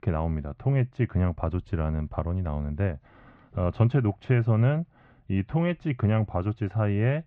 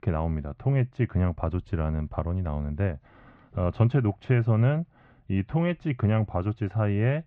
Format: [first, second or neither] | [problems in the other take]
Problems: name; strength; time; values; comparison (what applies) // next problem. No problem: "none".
neither | muffled; very; fading above 2.5 kHz; the same in both